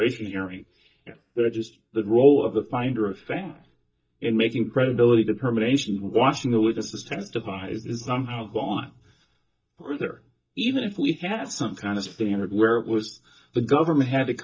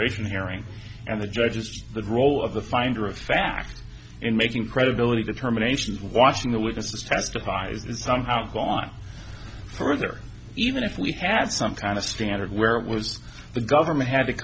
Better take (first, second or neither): second